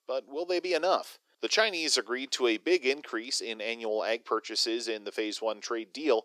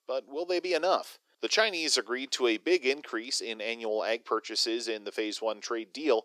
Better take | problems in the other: neither | thin; very; fading below 350 Hz; the same in both

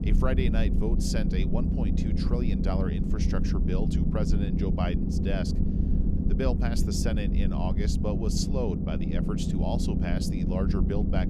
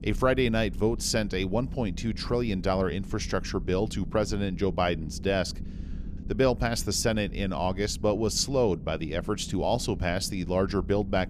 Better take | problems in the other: second | low rumble; loud; throughout; 2 dB below the speech; faint in the second

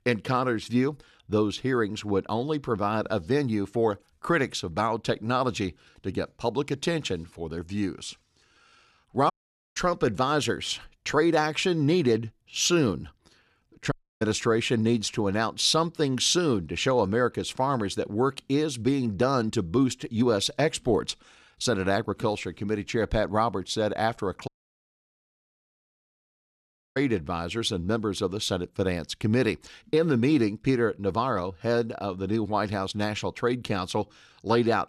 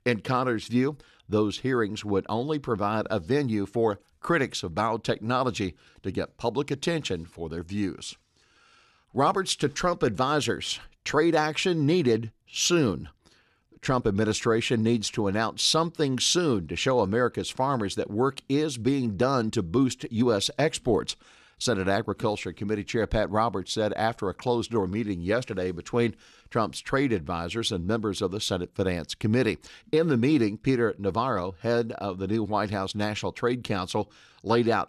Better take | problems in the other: second | audio cutting out; at 9.5 s, at 14 s and at 24 s for 2.5 s

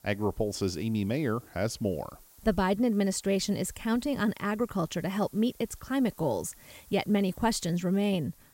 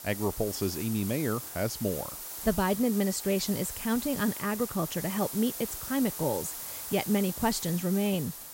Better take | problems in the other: first | hiss; loud; throughout; 7 dB below the speech; faint in the first

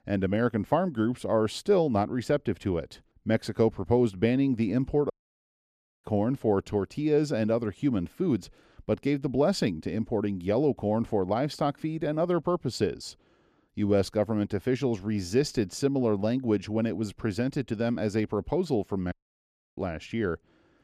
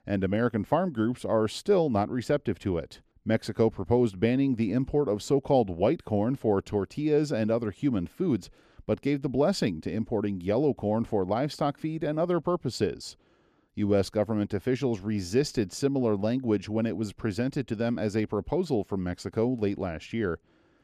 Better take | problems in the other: second | audio cutting out; at 5 s for 1 s and at 19 s for 0.5 s

